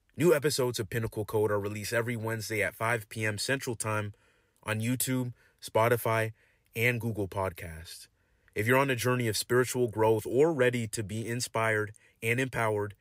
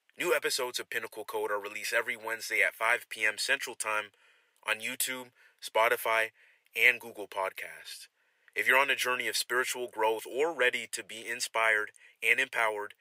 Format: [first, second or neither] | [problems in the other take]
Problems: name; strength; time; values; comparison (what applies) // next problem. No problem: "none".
first | thin; very; fading below 650 Hz